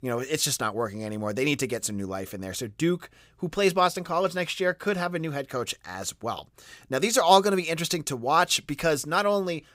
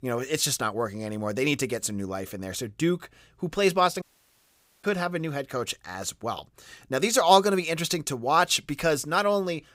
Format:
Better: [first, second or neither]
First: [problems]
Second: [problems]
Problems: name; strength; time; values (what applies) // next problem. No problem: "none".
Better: first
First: none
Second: audio cutting out; at 4 s for 1 s